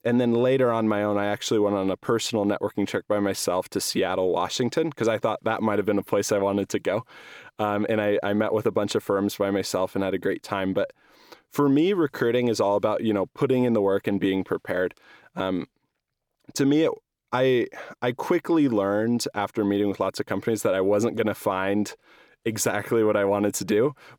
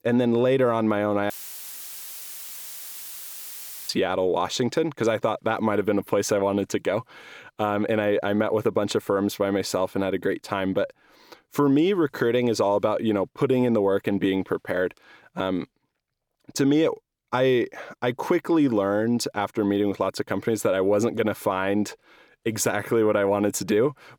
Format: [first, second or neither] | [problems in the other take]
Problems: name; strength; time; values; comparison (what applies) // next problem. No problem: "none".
first | audio cutting out; filled with static; at 1.5 s for 2.5 s